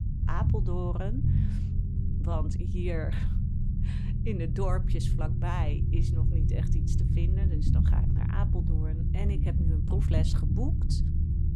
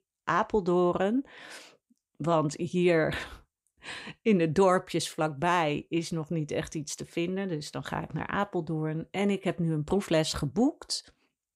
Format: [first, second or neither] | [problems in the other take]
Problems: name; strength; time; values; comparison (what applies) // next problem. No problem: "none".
second | low rumble; loud; throughout; 1 dB below the speech